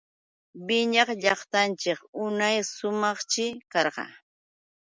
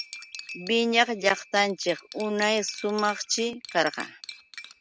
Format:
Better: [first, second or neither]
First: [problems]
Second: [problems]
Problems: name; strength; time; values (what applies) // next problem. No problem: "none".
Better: first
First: none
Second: background sound (Cutlery, silverware); 15 dB below the speech